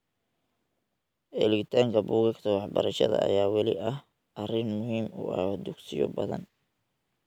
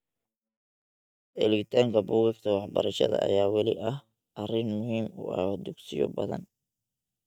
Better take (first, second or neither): first